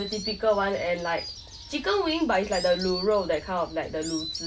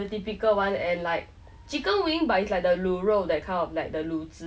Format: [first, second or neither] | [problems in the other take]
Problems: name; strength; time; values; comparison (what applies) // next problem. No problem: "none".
second | background sound (Insect); 12 dB below the speech